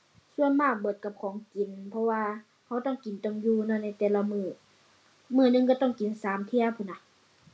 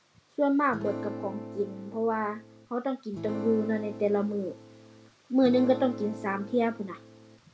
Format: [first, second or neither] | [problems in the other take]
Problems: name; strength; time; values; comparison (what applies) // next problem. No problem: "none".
first | background sound (Acoustic guitar / Strum); 11 dB below the speech